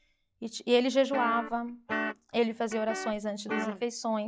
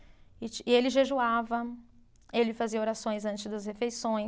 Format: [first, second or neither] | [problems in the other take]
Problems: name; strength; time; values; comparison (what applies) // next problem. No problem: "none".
second | noise reduction (classical method log-MMSE)